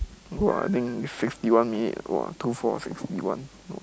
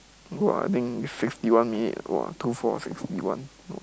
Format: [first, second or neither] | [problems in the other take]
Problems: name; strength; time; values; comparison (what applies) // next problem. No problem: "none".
second | background sound (Meow); 16 dB below the speech